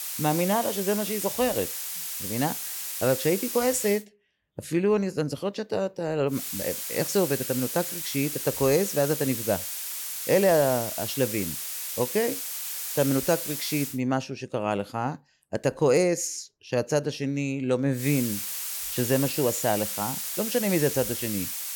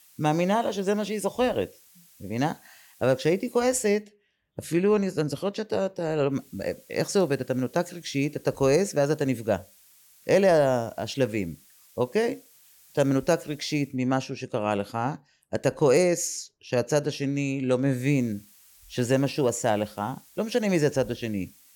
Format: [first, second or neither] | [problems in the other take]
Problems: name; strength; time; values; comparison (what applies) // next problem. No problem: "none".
second | hiss; loud; until 4 s, from 6.5 to 14 s and from 18 s on; 4 dB below the speech; faint in the second